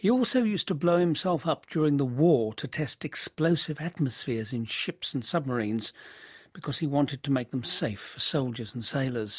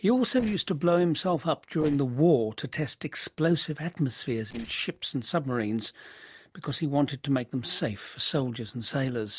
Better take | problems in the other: first | noise reduction (neural separator model SepFormer DNS4)

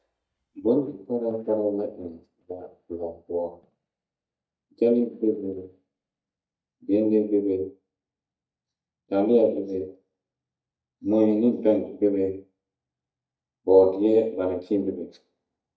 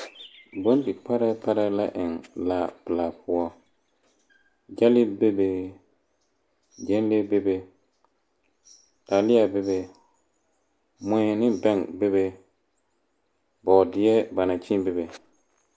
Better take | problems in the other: second | noise reduction (neural mask model DeepFilterNet 3)

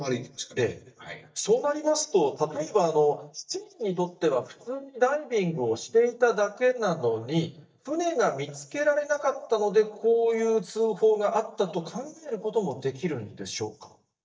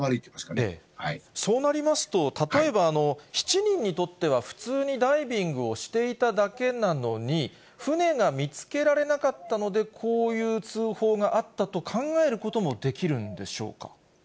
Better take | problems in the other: second | noise reduction (neural mask model DeepFilterNet 3)

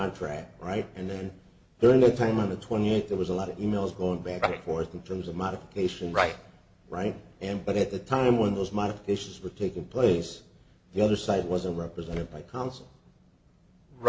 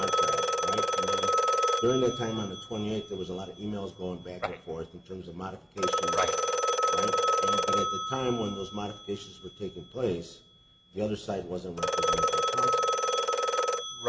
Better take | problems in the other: first | background sound (Telephone); 5 dB above the speech

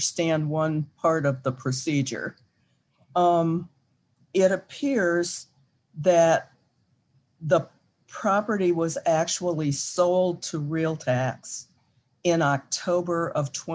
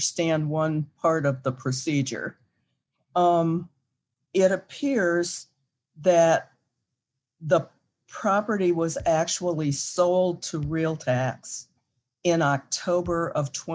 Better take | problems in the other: first | noise reduction (neural mask model DeepFilterNet 3)

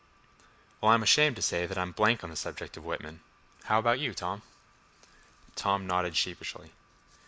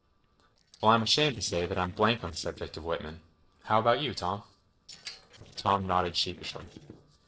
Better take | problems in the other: first | noise reduction (neural separator model SepFormer DNS4)

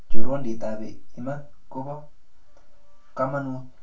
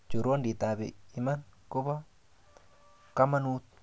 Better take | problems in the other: second | room echo; dies away in 0.2 s

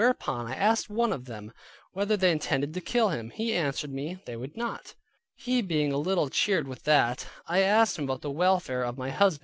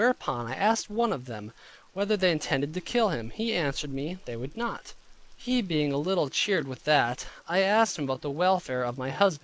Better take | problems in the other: first | background sound (Rain); 20 dB below the speech

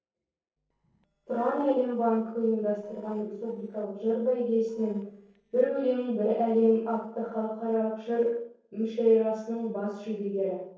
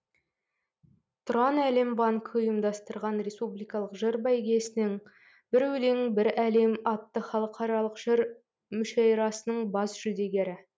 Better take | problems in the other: second | noise reduction (neural separator model SepFormer DNS4)

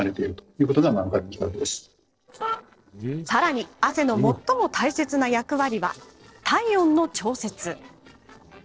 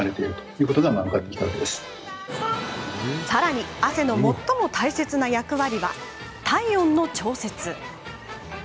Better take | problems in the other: second | noise reduction (neural separator model SepFormer DNS4)

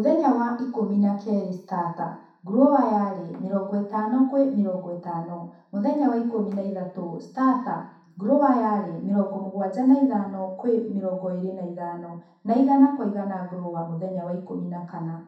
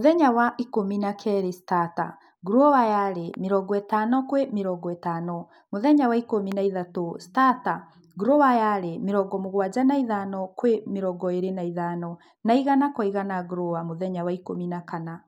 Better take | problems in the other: second | room echo; dies away in 0.7 s

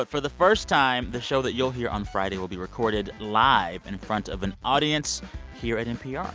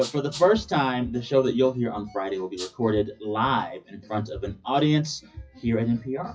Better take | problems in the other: first | noise reduction (classical method WPE with log-MMSE)

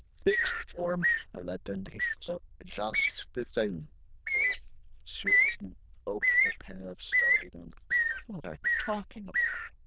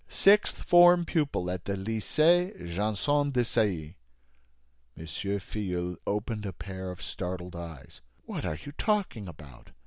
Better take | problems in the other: second | noise reduction (neural diffusion model UNIVERSE++)

